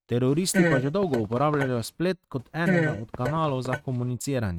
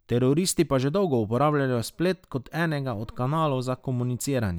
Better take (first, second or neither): second